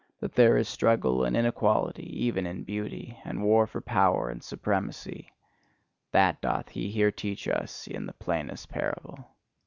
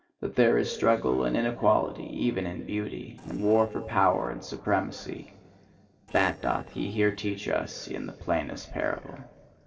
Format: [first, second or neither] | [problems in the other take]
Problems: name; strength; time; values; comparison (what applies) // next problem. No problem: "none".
first | noise reduction (neural separator model SepFormer DNS4)